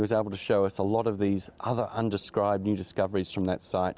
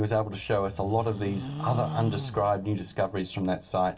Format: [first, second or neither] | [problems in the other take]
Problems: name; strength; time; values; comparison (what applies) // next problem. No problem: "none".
first | background sound (Livestock, farm animals, working animals); 10 dB below the speech // room echo; dies away in 0.2 s